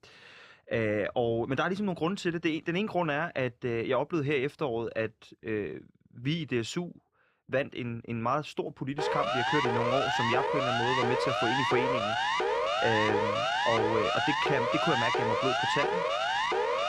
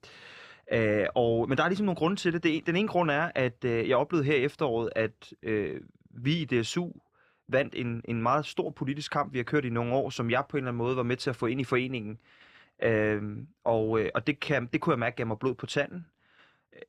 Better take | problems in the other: second | siren; loud; from 9 s on; peak 4 dB above the speech

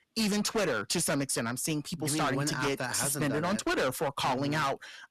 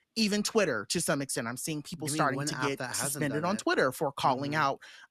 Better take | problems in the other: second | distortion; heavy; 17% of the sound clipped

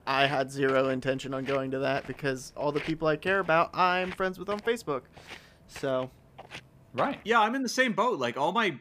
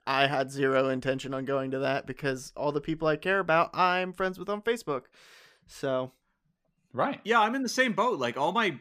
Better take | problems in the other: second | footsteps; faint; until 7.5 s; peak 10 dB below the speech

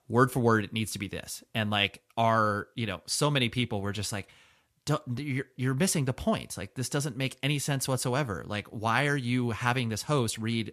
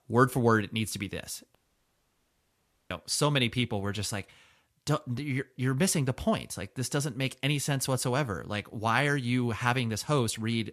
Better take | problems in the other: first | audio cutting out; at 1.5 s for 1.5 s

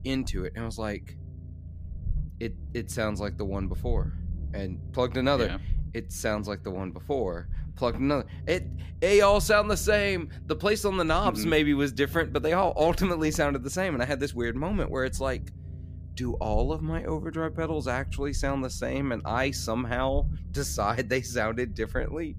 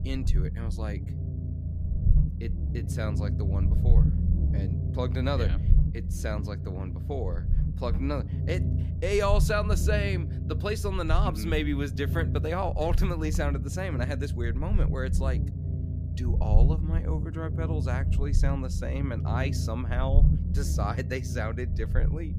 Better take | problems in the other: first | low rumble; loud; throughout; 9 dB below the speech; faint in the first

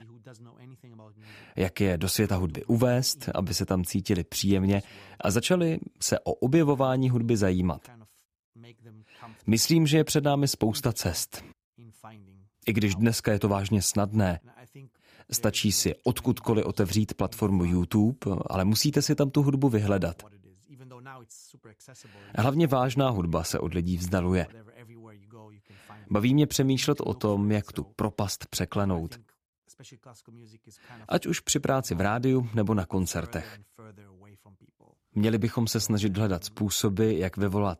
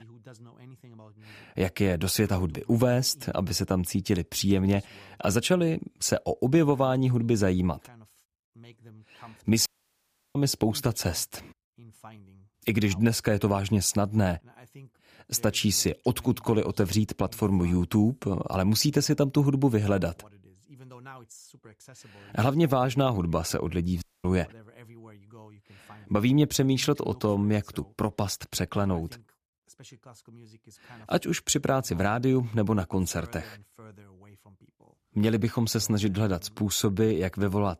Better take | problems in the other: first | audio cutting out; at 9.5 s for 0.5 s and at 24 s

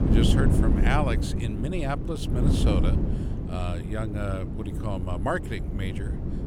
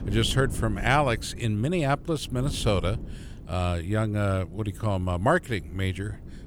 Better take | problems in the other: second | wind noise on the microphone; heavy; 4 dB below the speech; occasional gusts in the second

